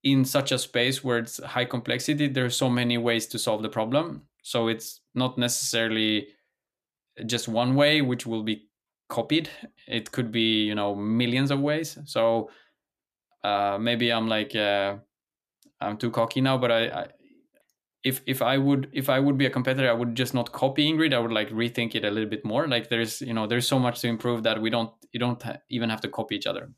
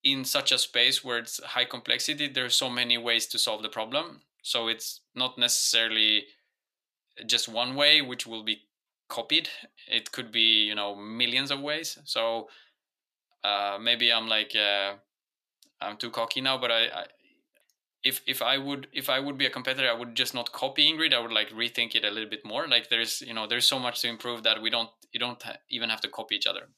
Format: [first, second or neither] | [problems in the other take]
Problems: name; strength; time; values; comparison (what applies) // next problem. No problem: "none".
first | thin; somewhat; fading below 1 kHz